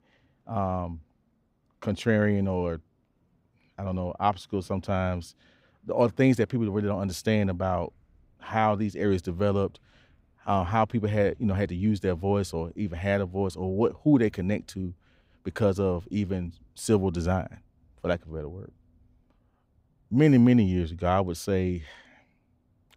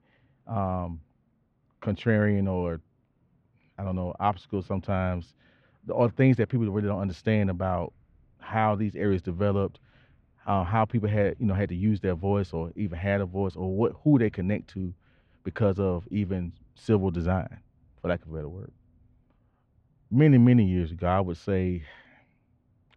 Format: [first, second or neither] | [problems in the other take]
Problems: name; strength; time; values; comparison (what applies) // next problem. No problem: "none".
first | muffled; slightly; fading above 2.5 kHz